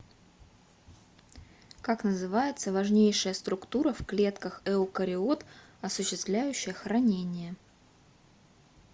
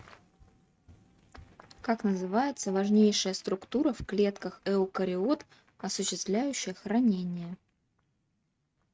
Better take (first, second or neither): first